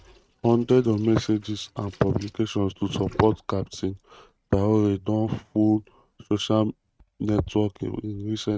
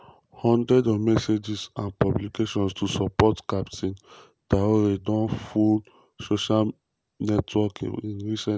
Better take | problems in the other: second | noise reduction (neural mask model RNNoise)

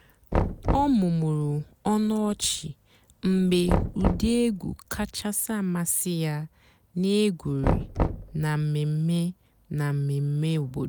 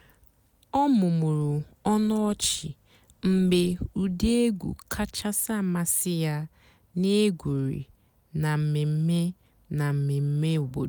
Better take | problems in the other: second | background sound (Knock); 6 dB below the speech

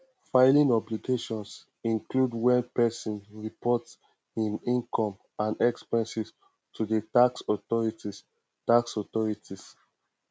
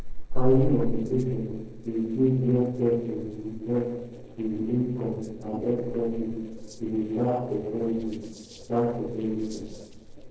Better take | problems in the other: first | noise reduction (neural separator model SepFormer DNS4)

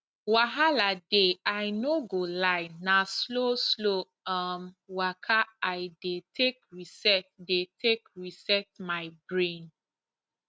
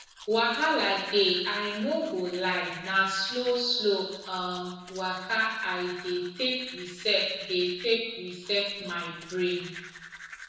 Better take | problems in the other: first | background sound (Domestic sounds, home sounds); 18 dB below the speech // room echo; dies away in 1 s

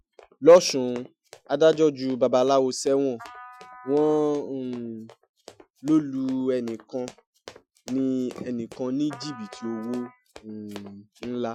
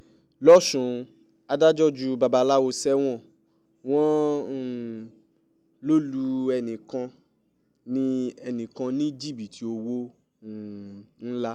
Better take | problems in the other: second | noise reduction (classical method Wiener filter)

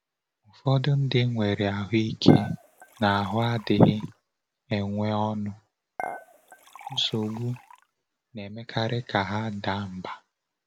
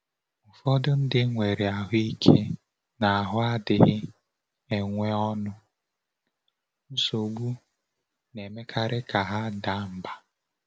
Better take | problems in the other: second | background sound (Dishes, pots, and pans / Chink, clink); 14 dB below the speech

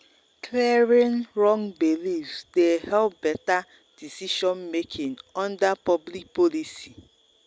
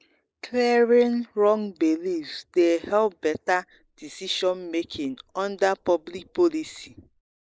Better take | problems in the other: first | noise reduction (neural mask model Resemble Enhance denoiser)

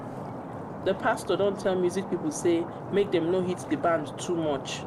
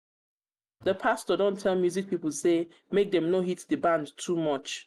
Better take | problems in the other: second | background sound (Stream); 9 dB below the speech

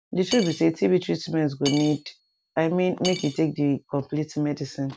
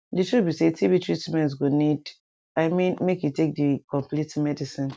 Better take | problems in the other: second | background sound (Cutlery, silverware / Dishes, pots, and pans); 13 dB below the speech

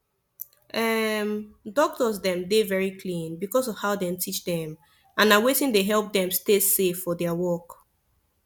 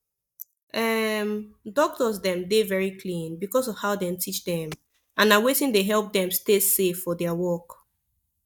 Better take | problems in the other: first | noise reduction (neural mask model DeepFilterNet 3)

